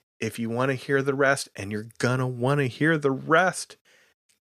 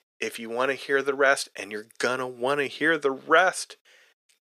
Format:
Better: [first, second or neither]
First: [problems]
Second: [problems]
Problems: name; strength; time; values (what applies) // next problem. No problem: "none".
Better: first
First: none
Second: thin; somewhat; fading below 450 Hz